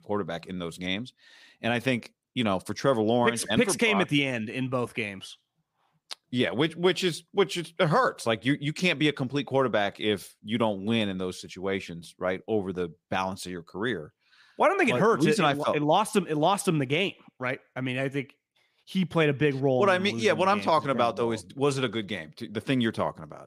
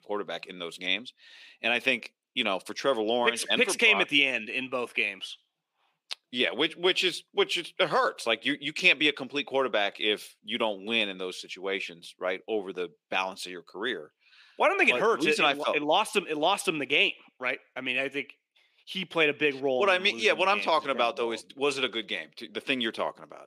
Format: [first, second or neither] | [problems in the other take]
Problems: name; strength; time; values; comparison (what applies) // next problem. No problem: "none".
first | thin; very slightly; fading below 350 Hz